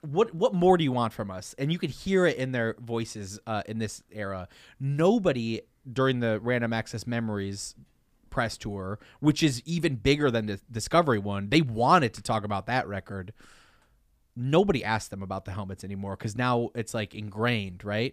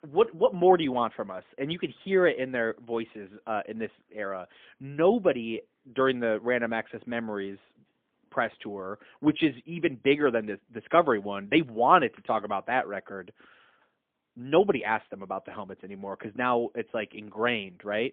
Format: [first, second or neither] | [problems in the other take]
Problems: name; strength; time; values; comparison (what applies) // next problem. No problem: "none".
first | phone-call audio; poor line; nothing above 3.5 kHz